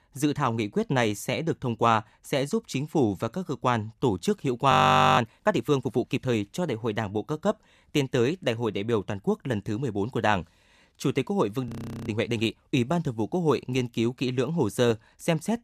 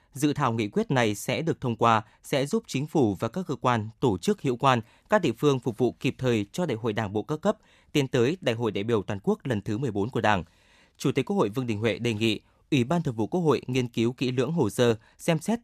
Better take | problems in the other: second | audio freezing; at 4.5 s and at 12 s

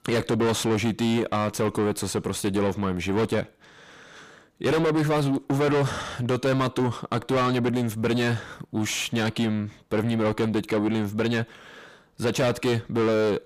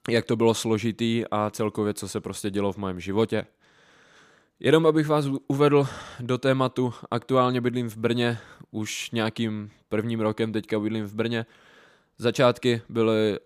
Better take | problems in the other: second | distortion; heavy; 5 dB below the speech

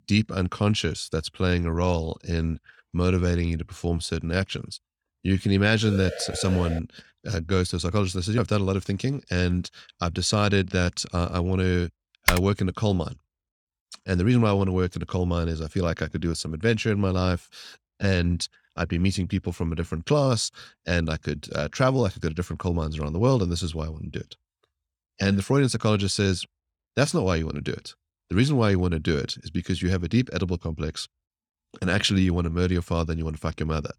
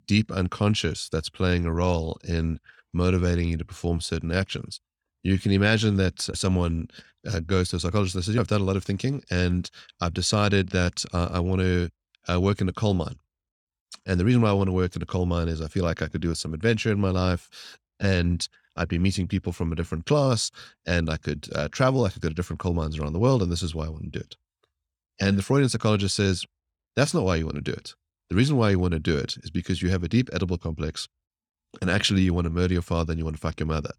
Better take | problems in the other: second | siren; noticeable; at 6 s; peak 9 dB below the speech // keyboard typing; loud; at 12 s; peak 1 dB above the speech

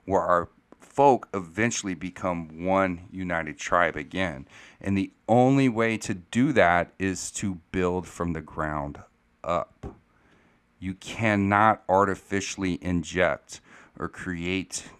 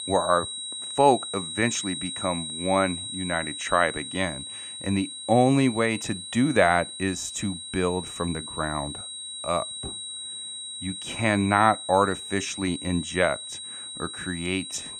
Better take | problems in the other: first | high-pitched whine; loud; throughout; 4 kHz, 8 dB below the speech

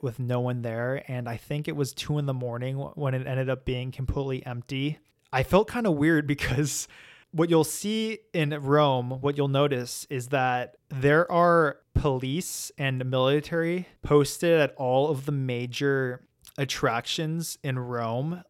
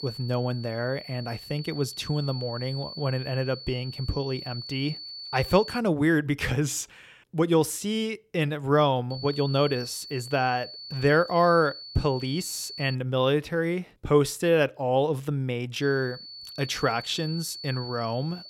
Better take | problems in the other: first | high-pitched whine; noticeable; until 6 s, from 9 to 13 s and from 16 s on; 4.5 kHz, 10 dB below the speech

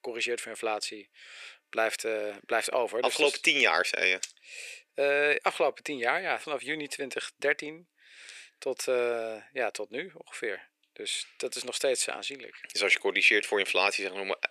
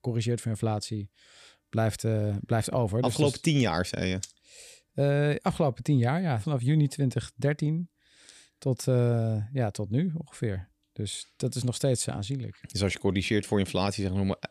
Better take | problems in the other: second | thin; very; fading below 400 Hz

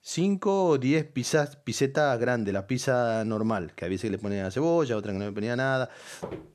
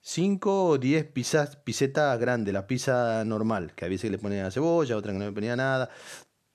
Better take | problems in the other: second | footsteps; faint; at 6 s; peak 15 dB below the speech

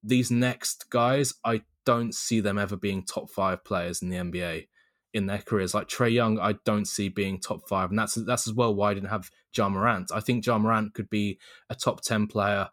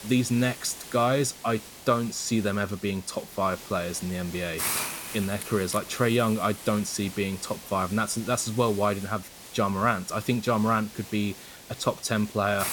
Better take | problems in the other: first | hiss; noticeable; throughout; 10 dB below the speech

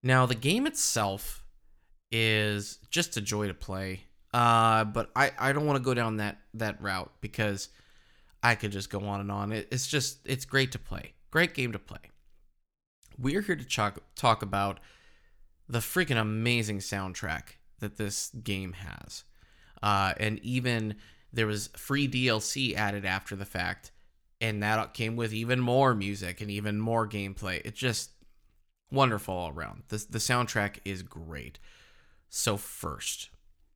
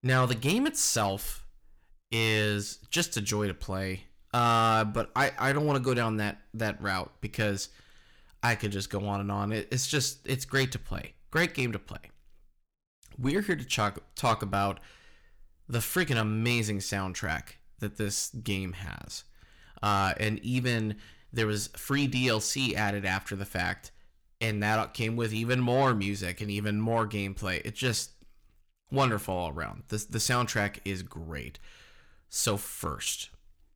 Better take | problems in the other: first | distortion; slight; 10 dB below the speech

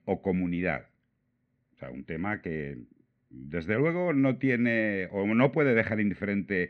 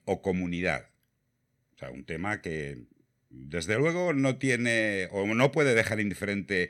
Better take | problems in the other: second | muffled; very; fading above 2.5 kHz

